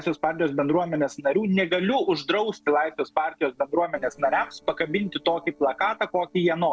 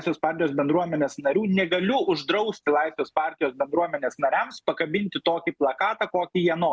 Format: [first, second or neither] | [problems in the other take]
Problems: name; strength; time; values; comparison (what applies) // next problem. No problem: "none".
second | noise reduction (neural separator model SepFormer DNS4)